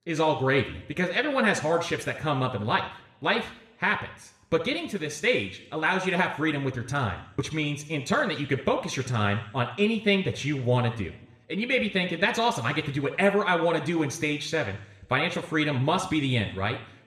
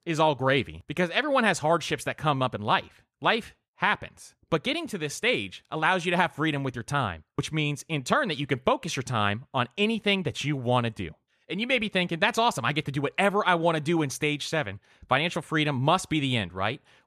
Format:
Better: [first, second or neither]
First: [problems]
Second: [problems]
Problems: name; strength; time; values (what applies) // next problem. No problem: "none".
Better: second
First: room echo; slight; dies away in 0.7 s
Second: none